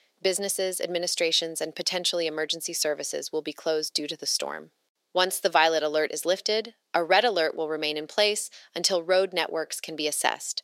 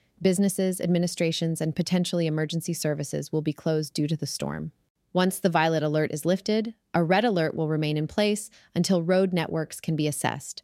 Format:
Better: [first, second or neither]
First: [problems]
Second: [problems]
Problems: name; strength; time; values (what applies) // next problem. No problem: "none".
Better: second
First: thin; very; fading below 450 Hz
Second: none